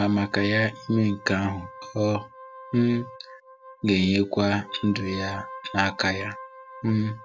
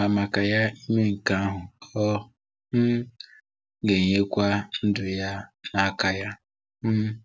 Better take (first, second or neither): second